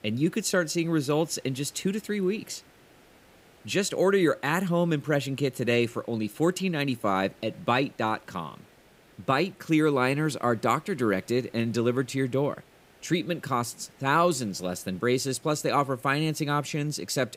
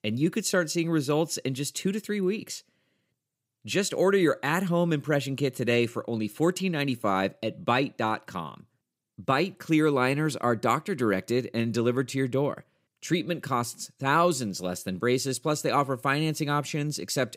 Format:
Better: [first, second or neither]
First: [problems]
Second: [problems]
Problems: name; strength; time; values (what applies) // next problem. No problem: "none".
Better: second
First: hiss; faint; throughout; 30 dB below the speech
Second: none